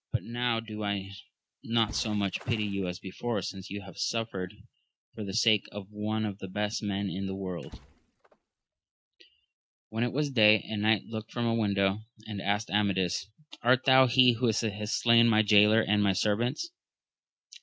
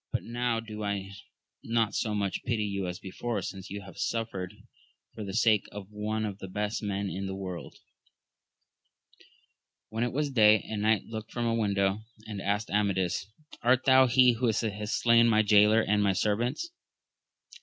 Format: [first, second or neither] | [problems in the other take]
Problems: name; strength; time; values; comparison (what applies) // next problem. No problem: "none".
second | noise reduction (neural mask model RNNoise)